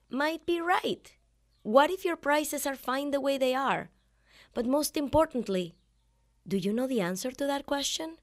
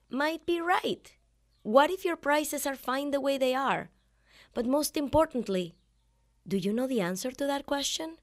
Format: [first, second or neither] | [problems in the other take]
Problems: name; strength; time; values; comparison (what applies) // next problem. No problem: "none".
neither | none